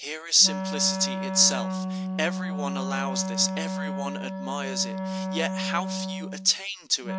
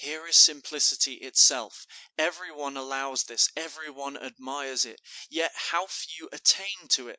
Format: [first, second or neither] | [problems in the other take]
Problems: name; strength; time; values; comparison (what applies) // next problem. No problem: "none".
second | background sound (Wind instrument, woodwind instrument); 3 dB below the speech